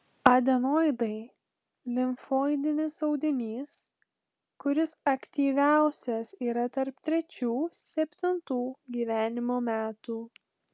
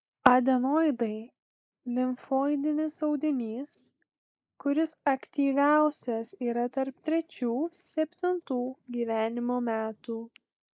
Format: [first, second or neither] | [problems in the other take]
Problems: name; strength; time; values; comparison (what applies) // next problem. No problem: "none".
first | noise reduction (neural mask model Resemble Enhance denoiser)